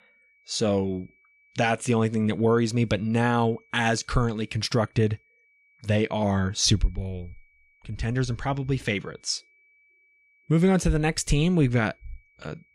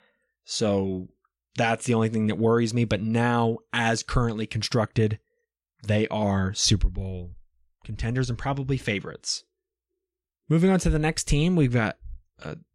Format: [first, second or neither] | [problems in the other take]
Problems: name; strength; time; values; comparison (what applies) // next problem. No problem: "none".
second | high-pitched whine; faint; throughout; 2.5 kHz, 35 dB below the speech